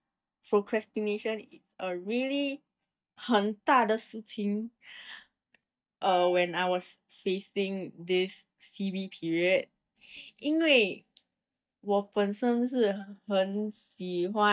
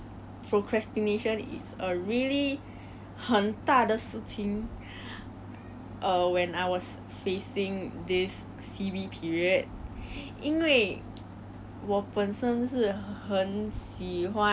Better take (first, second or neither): second